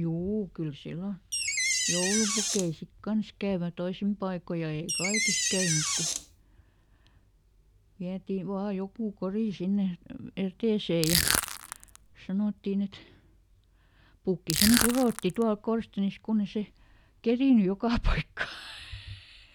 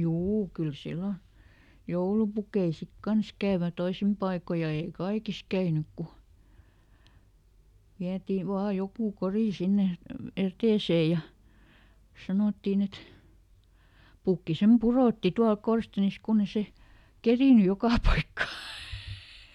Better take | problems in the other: second | background sound (Crushing + Door); 1 dB above the speech

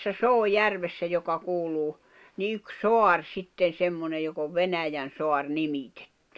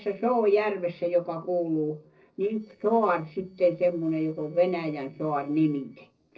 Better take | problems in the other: first | noise reduction (neural separator model SepFormer DNS4)

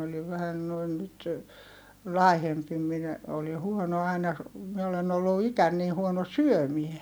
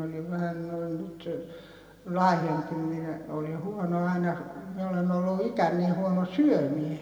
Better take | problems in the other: first | room echo; dies away in 2 s

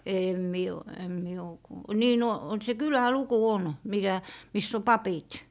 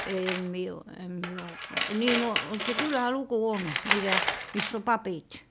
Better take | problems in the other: first | background sound (Tools); 3 dB below the speech

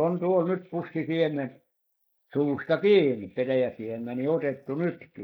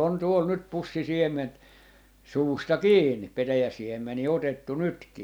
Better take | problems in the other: second | noise reduction (neural mask model Resemble Enhance denoiser)

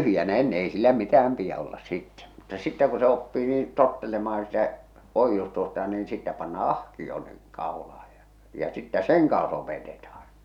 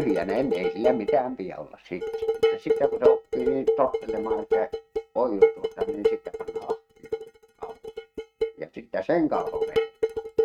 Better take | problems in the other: first | noise reduction (neural mask model RNNoise)

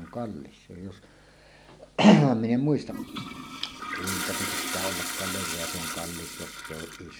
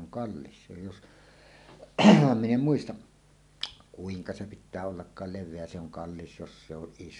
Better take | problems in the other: second | background sound (Toilet flush); 8 dB below the speech

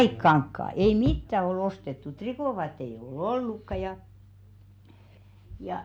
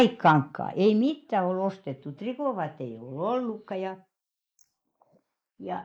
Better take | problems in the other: first | noise reduction (neural mask model Resemble Enhance denoiser)

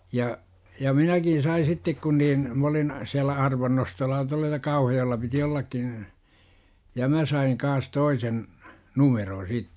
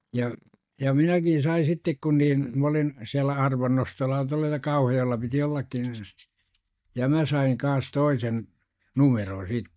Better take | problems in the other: first | noise reduction (neural mask model DeepFilterNet 3)

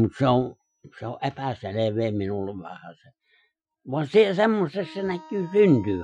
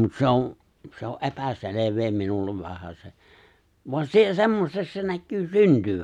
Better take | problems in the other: second | noise reduction (classical method Wiener filter)

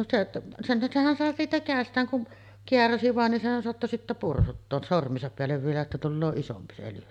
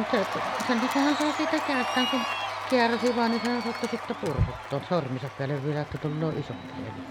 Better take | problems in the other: first | background sound (Cheering); 5 dB below the speech

